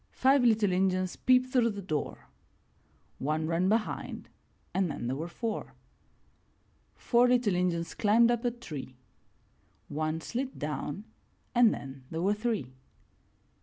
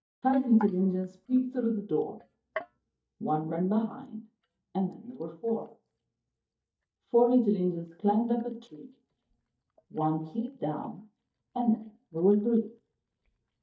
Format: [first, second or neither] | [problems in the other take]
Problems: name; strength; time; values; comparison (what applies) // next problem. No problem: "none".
first | noise reduction (neural mask model DeepFilterNet 3)